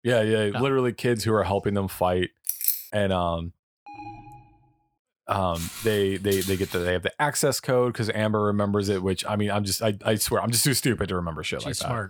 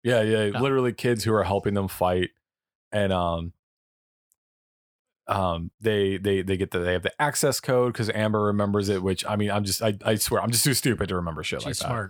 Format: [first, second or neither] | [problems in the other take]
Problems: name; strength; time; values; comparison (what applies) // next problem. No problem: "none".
second | jangling keys; loud; at 2.5 s; peak 1 dB above the speech // alarm; faint; at 4 s; peak 15 dB below the speech // footsteps; noticeable; from 5.5 to 7 s; peak 7 dB below the speech